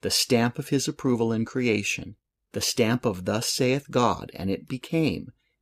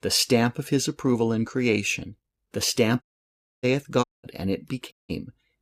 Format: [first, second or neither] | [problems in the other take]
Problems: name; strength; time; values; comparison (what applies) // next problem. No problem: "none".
first | audio cutting out; at 3 s for 0.5 s, at 4 s and at 5 s